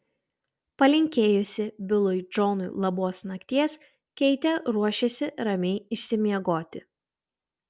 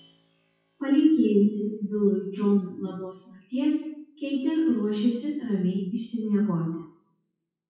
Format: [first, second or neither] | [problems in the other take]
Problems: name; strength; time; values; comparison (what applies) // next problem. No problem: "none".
first | noise reduction (classical method WPE with log-MMSE)